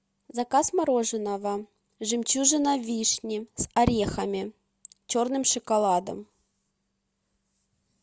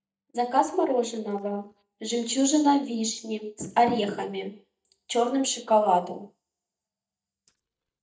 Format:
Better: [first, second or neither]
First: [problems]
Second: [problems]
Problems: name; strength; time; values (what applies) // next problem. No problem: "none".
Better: first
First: none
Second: noise reduction (neural mask model DeepFilterNet 3)